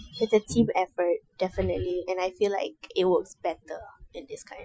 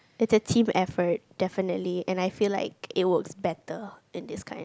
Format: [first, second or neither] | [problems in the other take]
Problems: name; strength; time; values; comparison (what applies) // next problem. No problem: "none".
second | noise reduction (classical method Wiener filter)